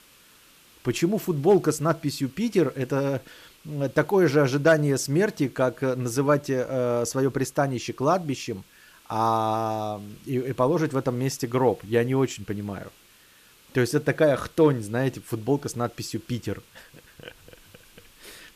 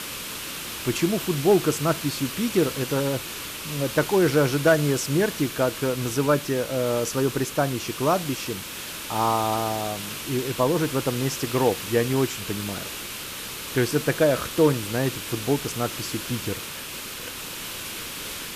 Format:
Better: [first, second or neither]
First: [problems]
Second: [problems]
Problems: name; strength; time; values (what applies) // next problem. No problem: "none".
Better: first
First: hiss; faint; throughout; 30 dB below the speech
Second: hiss; loud; throughout; 7 dB below the speech